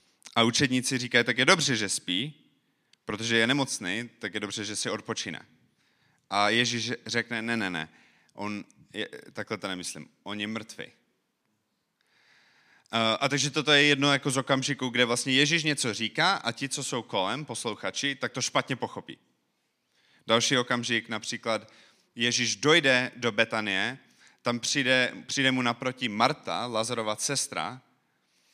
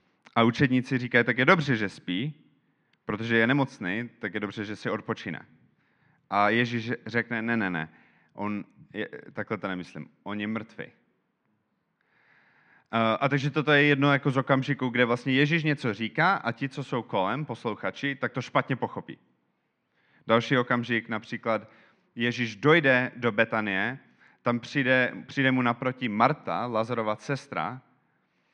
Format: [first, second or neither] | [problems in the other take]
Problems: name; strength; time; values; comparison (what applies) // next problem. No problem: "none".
first | muffled; very; fading above 1.5 kHz